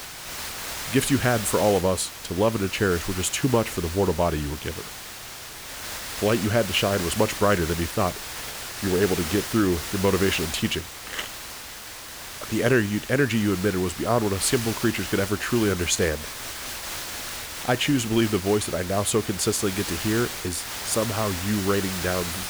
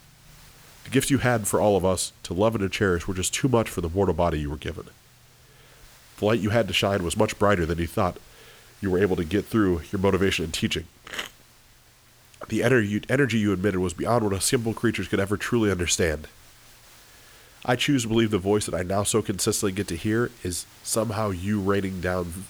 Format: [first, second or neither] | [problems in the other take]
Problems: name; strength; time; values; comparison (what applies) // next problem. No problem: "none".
second | hiss; loud; throughout; 8 dB below the speech; faint in the second